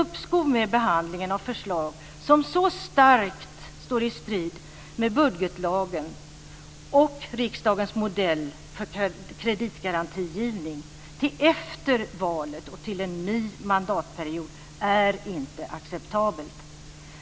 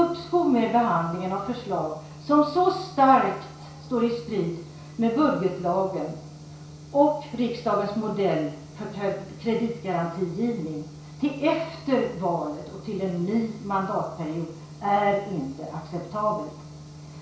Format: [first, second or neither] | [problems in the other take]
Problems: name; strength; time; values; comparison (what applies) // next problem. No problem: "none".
first | room echo; dies away in 0.6 s